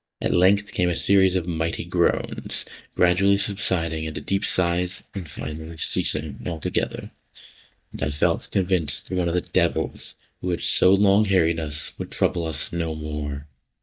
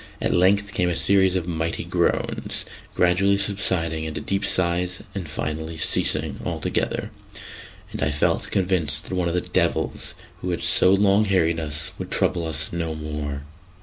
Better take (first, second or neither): second